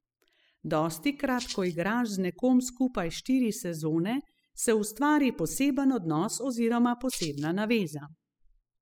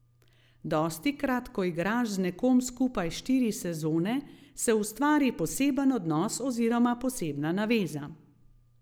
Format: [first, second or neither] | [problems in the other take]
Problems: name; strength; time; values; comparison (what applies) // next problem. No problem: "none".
second | noise reduction (classical method spectral subtraction)